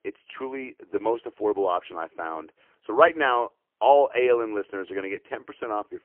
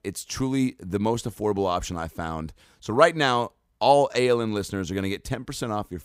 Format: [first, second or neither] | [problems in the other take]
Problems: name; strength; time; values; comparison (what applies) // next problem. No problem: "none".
second | phone-call audio; poor line; nothing above 3 kHz